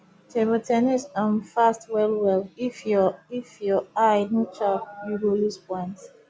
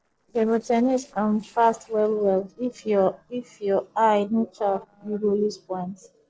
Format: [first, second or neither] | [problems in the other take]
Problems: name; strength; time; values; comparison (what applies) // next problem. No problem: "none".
first | noise reduction (neural separator model SepFormer DNS4)